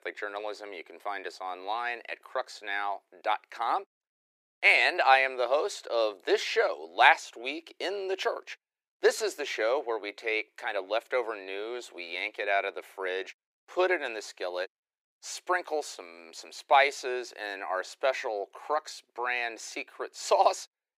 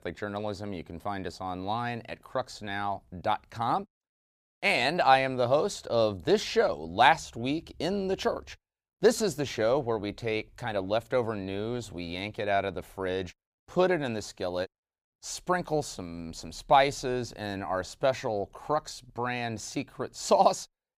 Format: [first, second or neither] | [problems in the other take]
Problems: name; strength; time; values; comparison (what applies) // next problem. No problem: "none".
second | thin; very; fading below 350 Hz